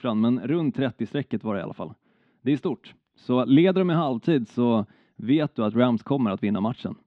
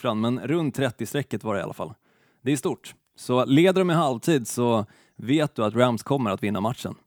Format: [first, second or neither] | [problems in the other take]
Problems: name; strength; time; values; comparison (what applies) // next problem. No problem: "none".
second | muffled; slightly; fading above 3.5 kHz